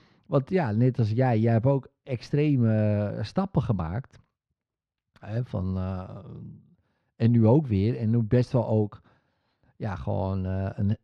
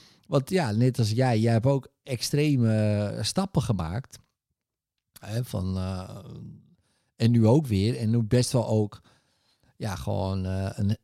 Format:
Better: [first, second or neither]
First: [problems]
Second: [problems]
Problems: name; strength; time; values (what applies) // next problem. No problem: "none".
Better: second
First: muffled; very; fading above 2 kHz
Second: none